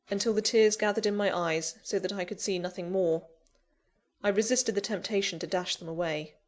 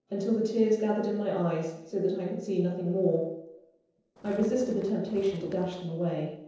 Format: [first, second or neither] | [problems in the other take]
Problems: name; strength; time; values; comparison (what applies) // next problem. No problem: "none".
first | noise reduction (neural separator model SepFormer DNS4)